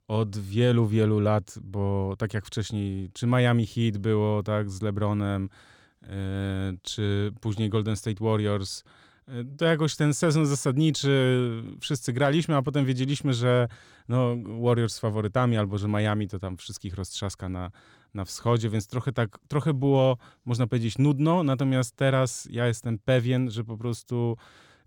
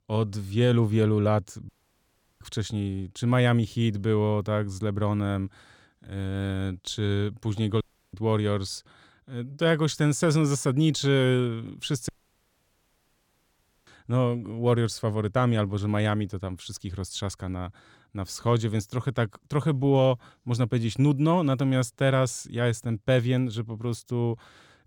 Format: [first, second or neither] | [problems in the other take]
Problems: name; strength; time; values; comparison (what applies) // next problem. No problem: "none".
first | audio cutting out; at 1.5 s for 0.5 s, at 8 s and at 12 s for 2 s